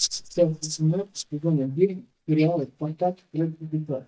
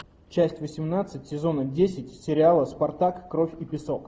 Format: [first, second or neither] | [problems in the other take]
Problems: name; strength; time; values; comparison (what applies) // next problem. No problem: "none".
second | noise reduction (neural mask model DeepFilterNet 3)